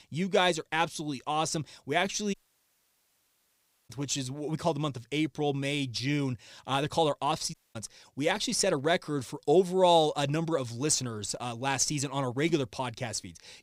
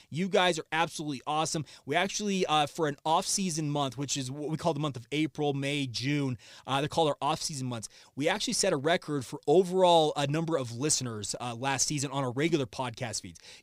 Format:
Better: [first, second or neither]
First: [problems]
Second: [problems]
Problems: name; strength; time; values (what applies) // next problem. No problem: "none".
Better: second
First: audio cutting out; at 2.5 s for 1.5 s and at 7.5 s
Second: none